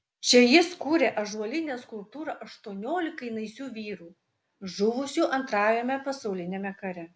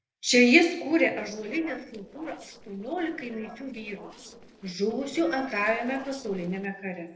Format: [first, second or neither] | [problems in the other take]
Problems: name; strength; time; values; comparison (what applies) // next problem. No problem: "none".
first | noise reduction (neural separator model SepFormer DNS4)